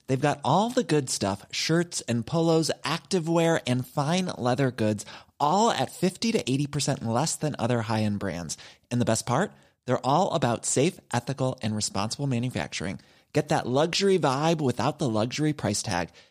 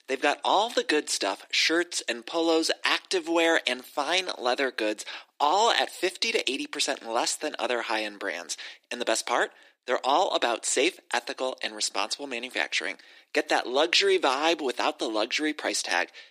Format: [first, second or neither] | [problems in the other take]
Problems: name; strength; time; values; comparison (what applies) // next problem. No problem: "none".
first | thin; very; fading below 300 Hz